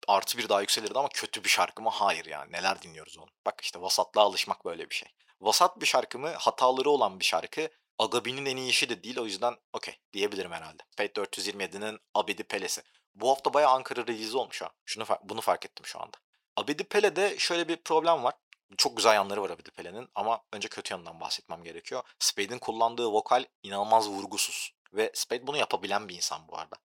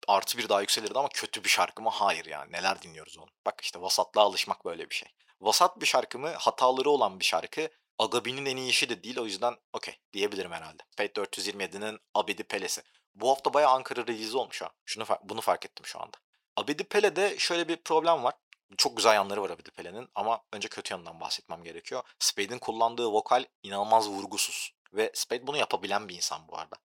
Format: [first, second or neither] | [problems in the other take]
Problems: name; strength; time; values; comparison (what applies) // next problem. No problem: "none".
neither | thin; very; fading below 500 Hz; the same in both